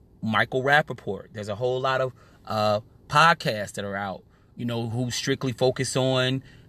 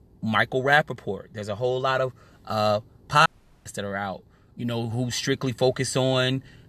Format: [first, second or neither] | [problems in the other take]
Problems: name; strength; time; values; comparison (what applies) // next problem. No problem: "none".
first | audio cutting out; at 3.5 s